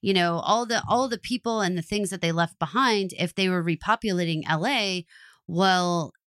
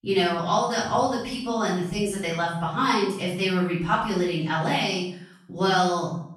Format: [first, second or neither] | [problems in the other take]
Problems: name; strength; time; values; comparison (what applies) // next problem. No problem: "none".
first | room echo; noticeable; dies away in 0.6 s // off-mic speech; far